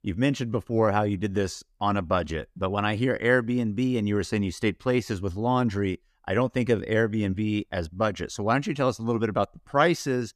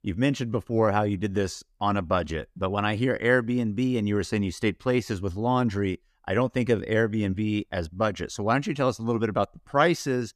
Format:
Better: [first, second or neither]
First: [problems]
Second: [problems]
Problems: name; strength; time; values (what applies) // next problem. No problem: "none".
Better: neither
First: none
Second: none